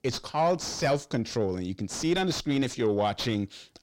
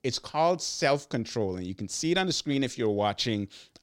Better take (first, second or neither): second